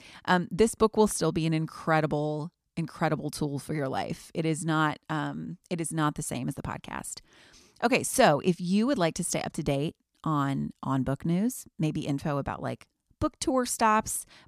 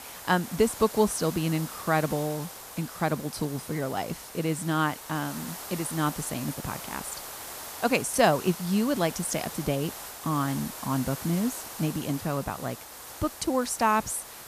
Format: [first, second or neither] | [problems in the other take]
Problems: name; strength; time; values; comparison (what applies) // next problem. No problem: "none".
first | hiss; noticeable; throughout; 10 dB below the speech